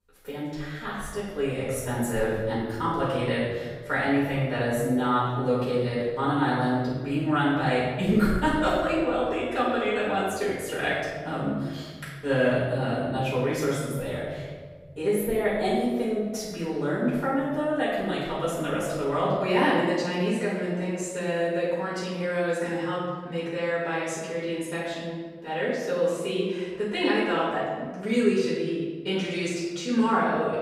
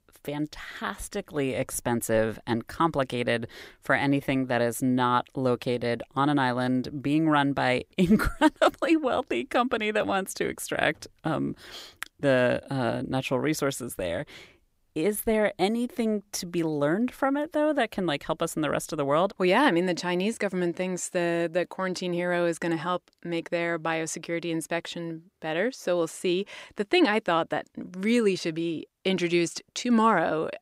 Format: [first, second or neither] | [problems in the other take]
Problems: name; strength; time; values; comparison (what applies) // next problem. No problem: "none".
second | off-mic speech; far // room echo; strong; dies away in 1.6 s